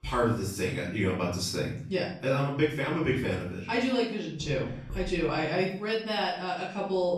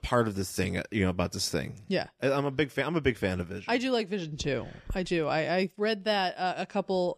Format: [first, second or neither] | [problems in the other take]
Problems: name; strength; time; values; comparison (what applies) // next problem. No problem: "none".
second | off-mic speech; far // room echo; noticeable; dies away in 0.5 s